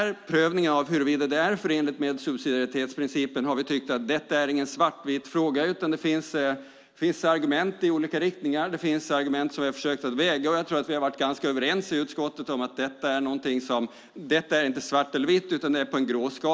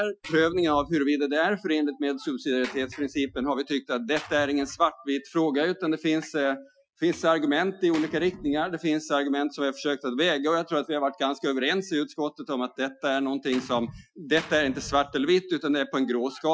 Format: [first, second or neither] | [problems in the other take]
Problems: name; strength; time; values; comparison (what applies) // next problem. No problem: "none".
first | noise reduction (classical method Wiener filter)